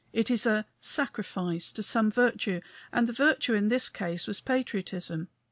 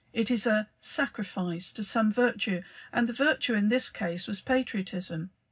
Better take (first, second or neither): first